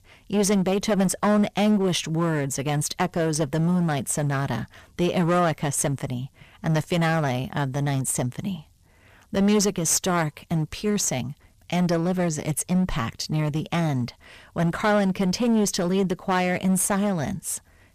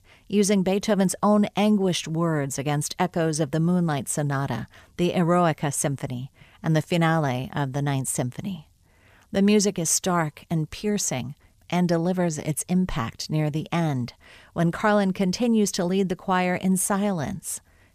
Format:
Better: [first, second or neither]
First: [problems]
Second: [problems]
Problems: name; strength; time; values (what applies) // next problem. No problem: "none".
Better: second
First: distortion; slight; 8% of the sound clipped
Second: none